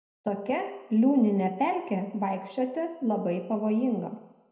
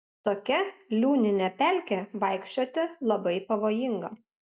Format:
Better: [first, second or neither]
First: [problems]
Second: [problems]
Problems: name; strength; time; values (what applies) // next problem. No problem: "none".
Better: second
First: room echo; dies away in 0.8 s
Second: none